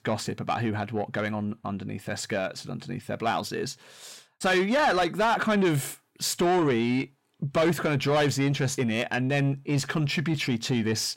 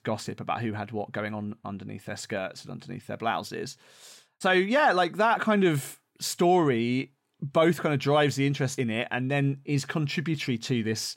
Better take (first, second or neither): second